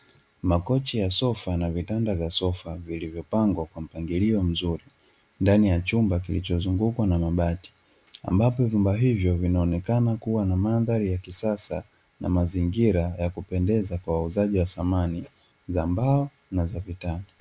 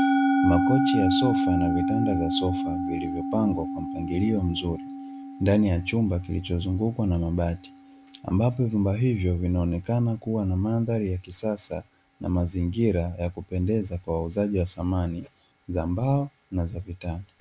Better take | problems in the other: first | background sound (Musical instrument); 4 dB below the speech

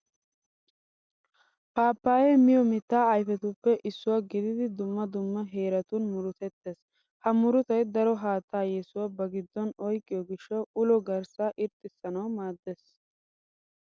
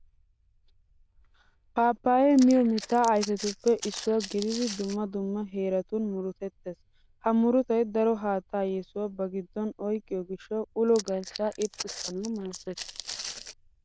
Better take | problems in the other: first | noise reduction (neural diffusion model UNIVERSE++)

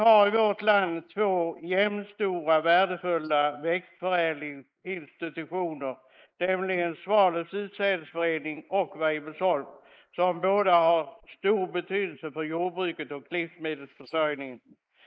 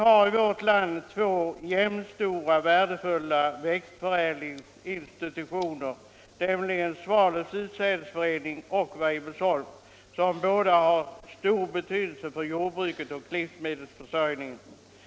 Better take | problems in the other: second | noise reduction (neural mask model Resemble Enhance denoiser)

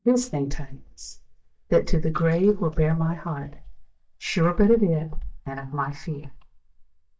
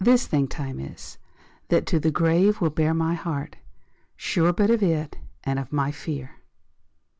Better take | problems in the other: second | noise reduction (neural mask model DeepFilterNet 3)

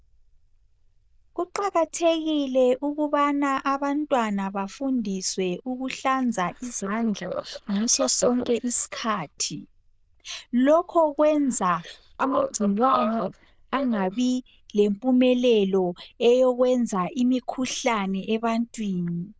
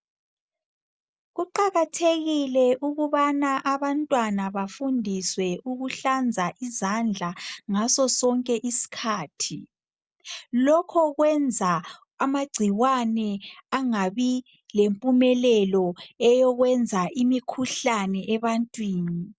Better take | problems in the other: second | noise reduction (neural diffusion model UNIVERSE++)

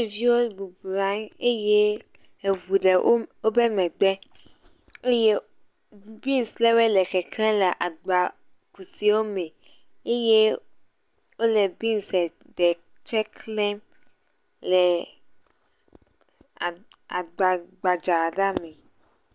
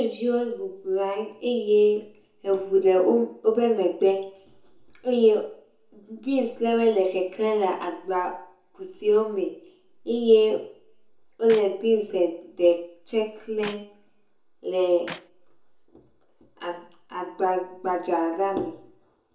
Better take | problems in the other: first | background sound (Clapping); 19 dB below the speech // room echo; dies away in 0.6 s

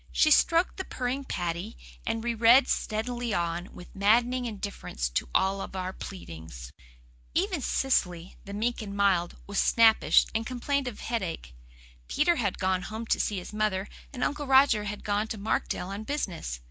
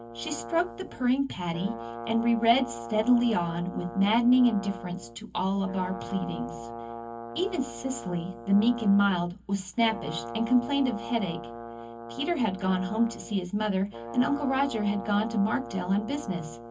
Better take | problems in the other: first | background sound (Brass instrument); 12 dB below the speech // room echo; dies away in 0.3 s

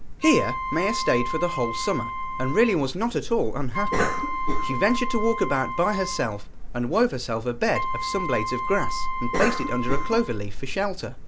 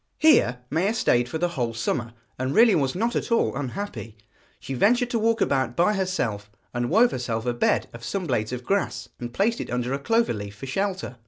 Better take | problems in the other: second | background sound (Wind instrument, woodwind instrument + Cough); 1 dB below the speech

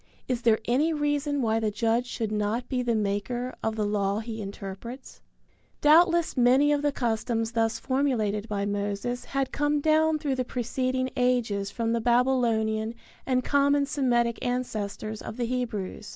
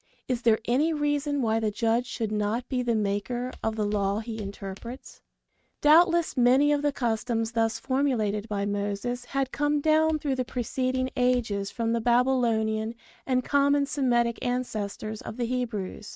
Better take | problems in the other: first | noise reduction (neural mask model RNNoise)

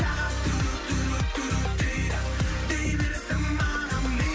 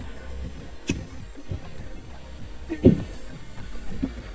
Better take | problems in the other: first | noise reduction (neural mask model DeepFilterNet 3)

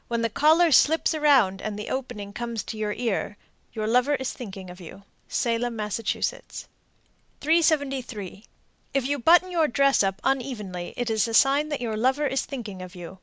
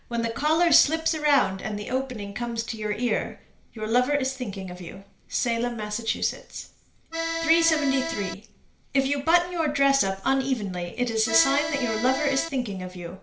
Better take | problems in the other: first | background sound (Accordion); 4 dB below the speech // room echo; dies away in 0.4 s

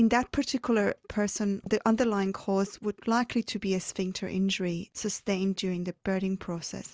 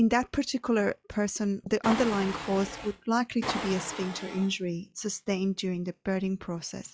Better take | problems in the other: first | noise reduction (classical method log-MMSE)

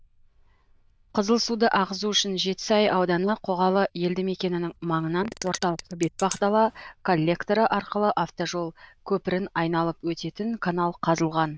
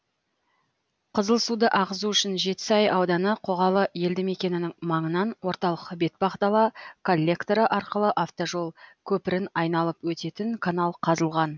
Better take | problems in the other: second | noise reduction (neural diffusion model UNIVERSE++)

